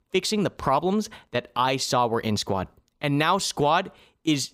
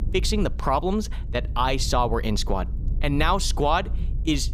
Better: first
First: none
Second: low rumble; faint; throughout; 25 dB below the speech

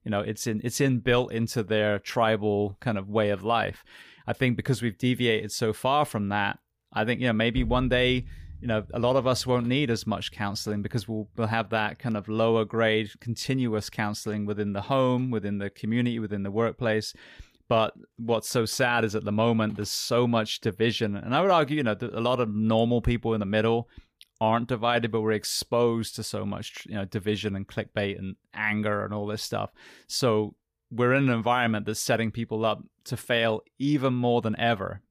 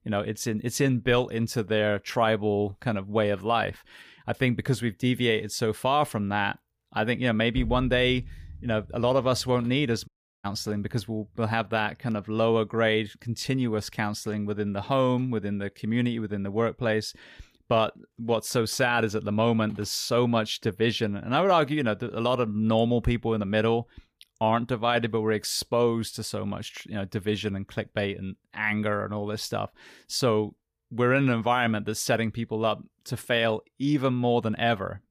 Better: first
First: none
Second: audio cutting out; at 10 s

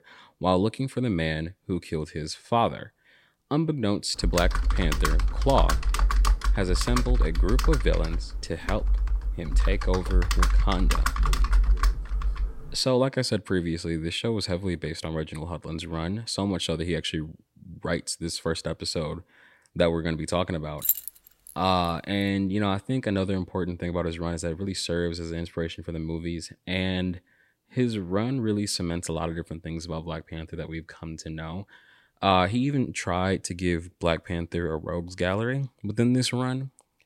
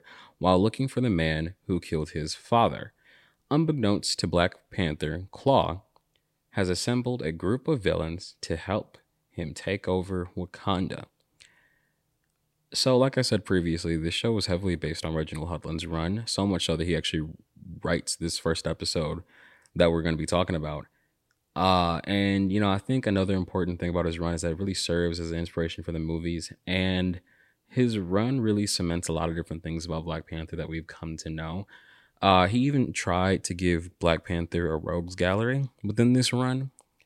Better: second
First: keyboard typing; loud; from 4 to 13 s; peak 4 dB above the speech // jangling keys; loud; at 21 s; peak 3 dB above the speech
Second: none

